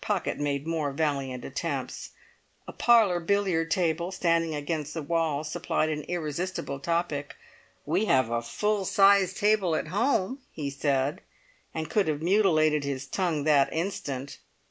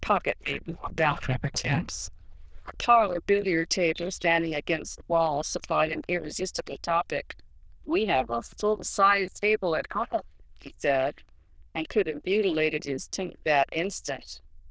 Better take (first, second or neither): first